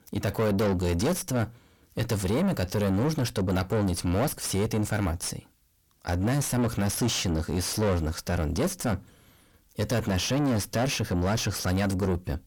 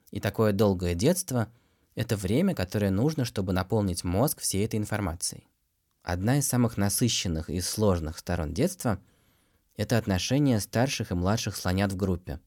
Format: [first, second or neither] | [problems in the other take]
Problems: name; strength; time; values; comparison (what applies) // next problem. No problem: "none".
second | distortion; heavy; 6 dB below the speech